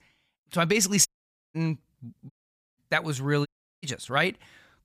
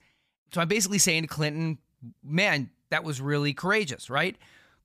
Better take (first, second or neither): second